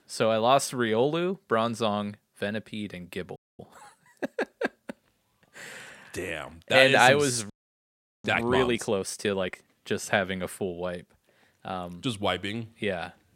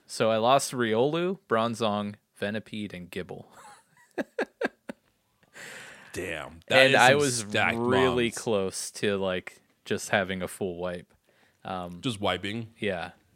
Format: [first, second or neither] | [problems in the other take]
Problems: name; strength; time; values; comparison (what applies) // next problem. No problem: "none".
second | audio freezing; at 3.5 s and at 7.5 s for 0.5 s